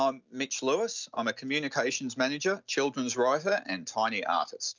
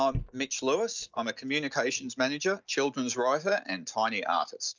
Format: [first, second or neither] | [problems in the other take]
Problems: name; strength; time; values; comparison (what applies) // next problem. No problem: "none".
first | noise reduction (neural mask model DeepFilterNet 3)